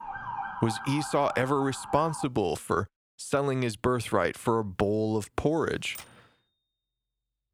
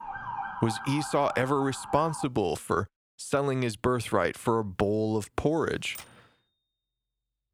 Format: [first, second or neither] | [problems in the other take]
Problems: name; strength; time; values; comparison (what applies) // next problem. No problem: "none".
neither | siren; noticeable; until 2.5 s; peak 7 dB below the speech; the same in both // keyboard typing; faint; at 6 s; peak 15 dB below the speech; the same in both